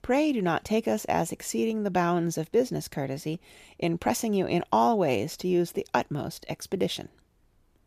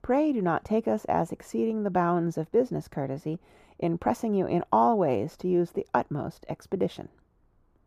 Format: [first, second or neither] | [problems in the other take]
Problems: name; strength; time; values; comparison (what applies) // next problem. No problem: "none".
first | muffled; slightly; fading above 1.5 kHz